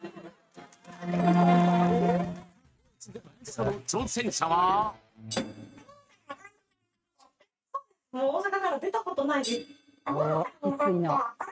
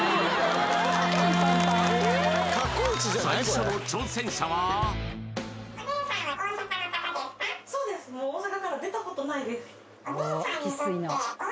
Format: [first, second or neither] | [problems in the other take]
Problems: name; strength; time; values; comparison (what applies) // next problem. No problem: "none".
second | noise reduction (neural mask model RNNoise)